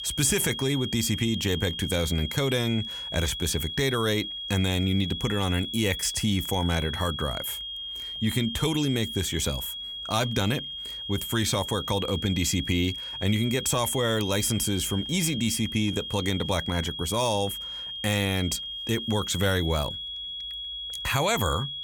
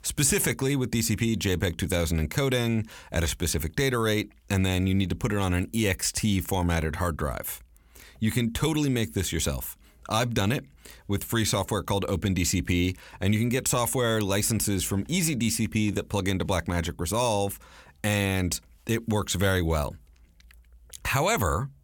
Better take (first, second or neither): second